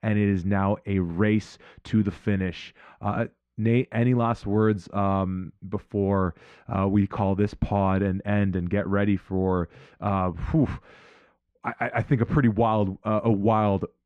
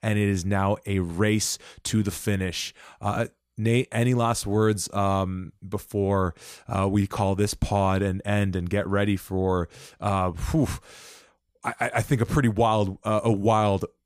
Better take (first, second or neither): second